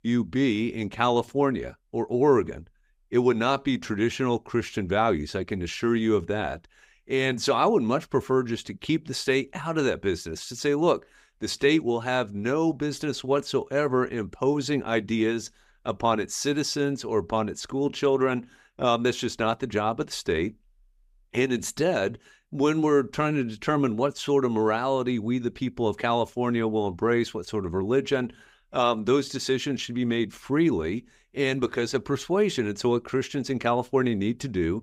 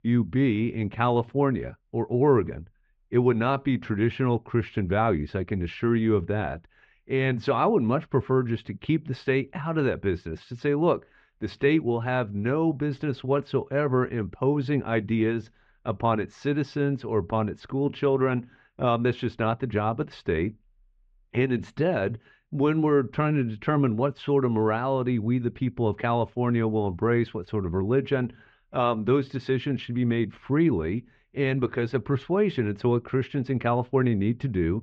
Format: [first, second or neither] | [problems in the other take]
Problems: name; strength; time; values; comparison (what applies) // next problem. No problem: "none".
first | muffled; very; fading above 3 kHz